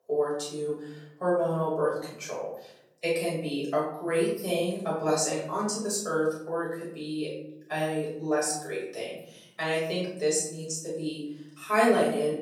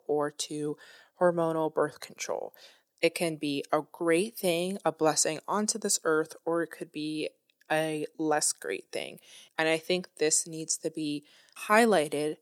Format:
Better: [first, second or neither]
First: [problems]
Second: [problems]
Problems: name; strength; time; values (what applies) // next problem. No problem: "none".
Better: second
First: off-mic speech; far // room echo; noticeable; dies away in 0.8 s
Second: none